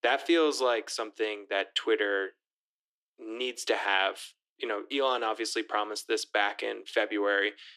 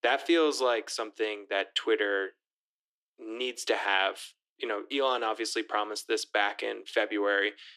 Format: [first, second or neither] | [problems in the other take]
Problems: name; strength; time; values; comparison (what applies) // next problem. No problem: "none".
neither | thin; very; fading below 300 Hz; the same in both